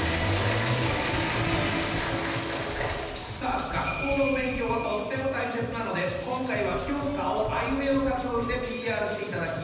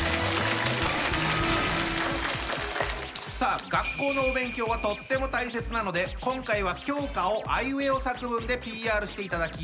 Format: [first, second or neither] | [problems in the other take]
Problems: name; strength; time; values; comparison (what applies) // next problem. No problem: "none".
second | background sound (Wind); 12 dB below the speech // room echo; dies away in 1.1 s